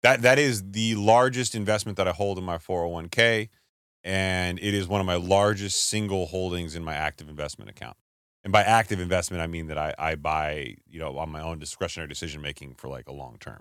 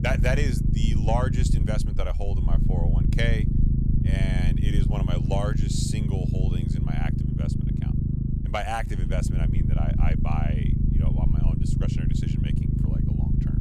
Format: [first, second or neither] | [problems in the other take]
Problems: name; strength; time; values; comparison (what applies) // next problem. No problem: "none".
first | low rumble; loud; throughout; 3 dB below the speech